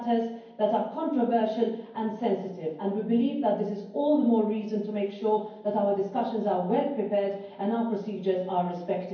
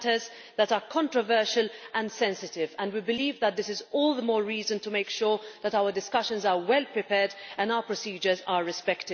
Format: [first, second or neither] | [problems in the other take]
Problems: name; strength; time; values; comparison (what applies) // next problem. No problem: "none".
second | room echo; dies away in 0.9 s